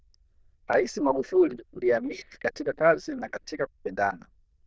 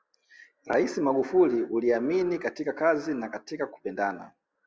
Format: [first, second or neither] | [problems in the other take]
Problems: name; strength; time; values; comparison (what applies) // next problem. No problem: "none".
second | noise reduction (neural diffusion model UNIVERSE++)